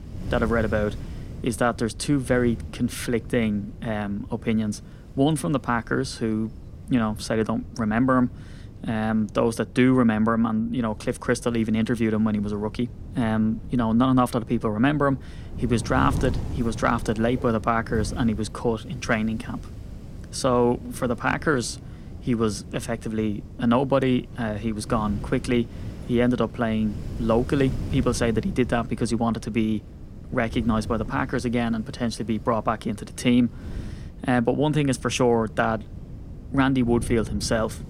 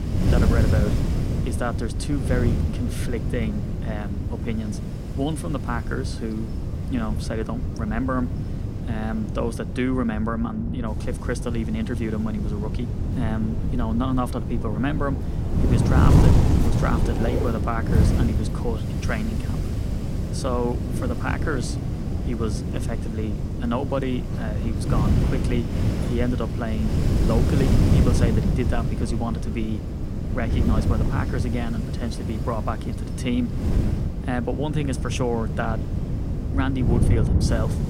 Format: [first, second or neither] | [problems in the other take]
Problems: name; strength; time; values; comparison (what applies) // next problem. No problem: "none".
first | wind noise on the microphone; heavy; 3 dB below the speech; occasional gusts in the first